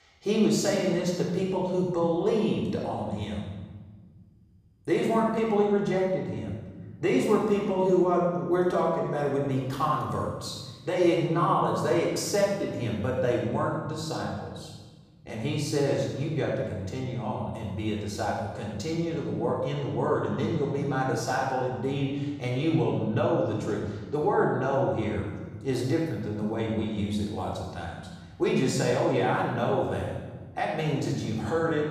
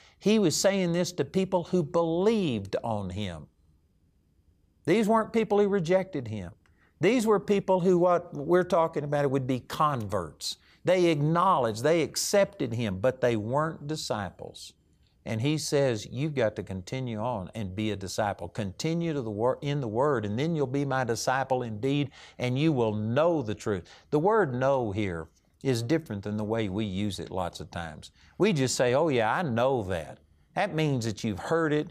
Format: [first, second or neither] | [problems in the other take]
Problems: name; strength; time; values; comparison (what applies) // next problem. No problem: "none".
second | off-mic speech; far // room echo; noticeable; dies away in 1.2 s